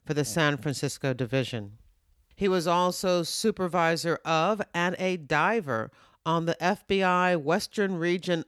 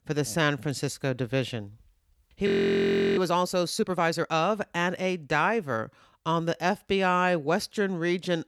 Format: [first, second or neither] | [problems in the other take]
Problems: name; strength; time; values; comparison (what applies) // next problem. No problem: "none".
first | audio freezing; at 2.5 s for 0.5 s